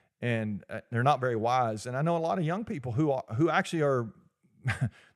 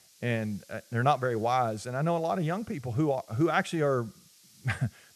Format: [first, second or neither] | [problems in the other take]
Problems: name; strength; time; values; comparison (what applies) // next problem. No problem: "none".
first | hiss; faint; throughout; 25 dB below the speech